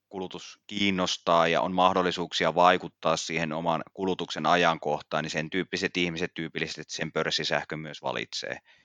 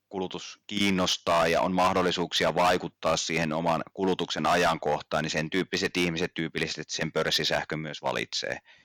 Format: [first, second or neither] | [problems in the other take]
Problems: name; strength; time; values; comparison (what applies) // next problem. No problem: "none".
first | distortion; heavy; 5% of the sound clipped